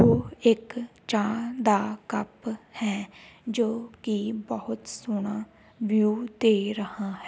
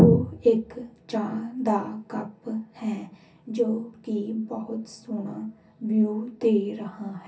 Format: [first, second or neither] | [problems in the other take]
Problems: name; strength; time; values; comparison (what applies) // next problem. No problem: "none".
first | room echo; dies away in 0.3 s